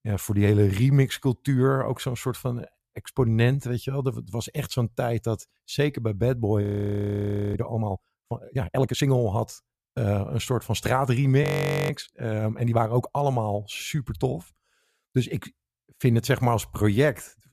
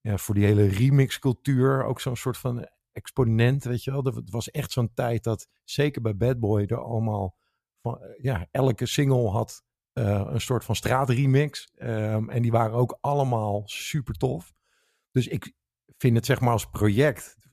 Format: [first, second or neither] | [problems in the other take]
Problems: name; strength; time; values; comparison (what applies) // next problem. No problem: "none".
second | audio freezing; at 6.5 s for 1 s and at 11 s